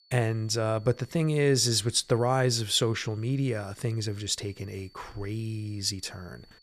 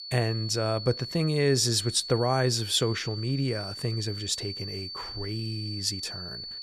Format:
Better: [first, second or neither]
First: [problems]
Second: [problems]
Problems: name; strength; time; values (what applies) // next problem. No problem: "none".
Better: first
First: high-pitched whine; faint; throughout; 4.5 kHz, 30 dB below the speech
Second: high-pitched whine; loud; throughout; 4.5 kHz, 8 dB below the speech